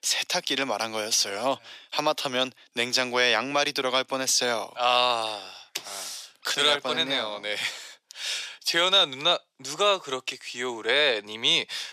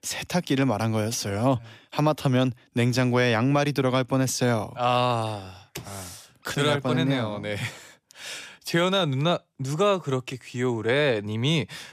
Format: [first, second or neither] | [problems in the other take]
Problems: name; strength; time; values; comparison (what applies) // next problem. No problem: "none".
second | thin; somewhat; fading below 500 Hz